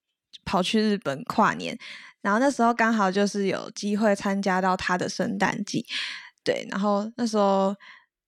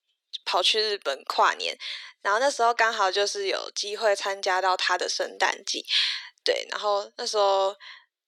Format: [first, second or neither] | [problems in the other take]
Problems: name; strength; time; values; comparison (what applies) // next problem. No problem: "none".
first | thin; very; fading below 400 Hz